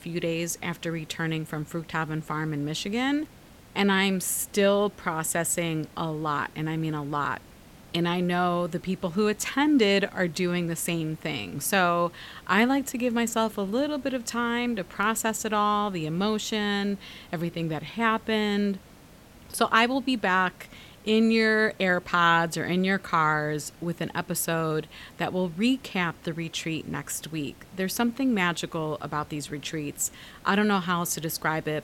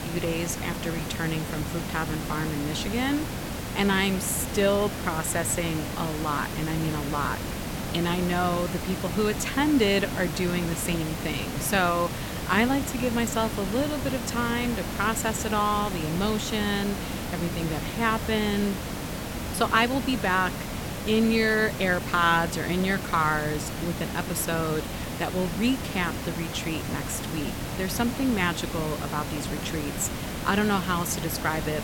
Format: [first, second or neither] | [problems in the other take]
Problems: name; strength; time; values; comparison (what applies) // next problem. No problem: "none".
first | hiss; loud; throughout; 5 dB below the speech; faint in the first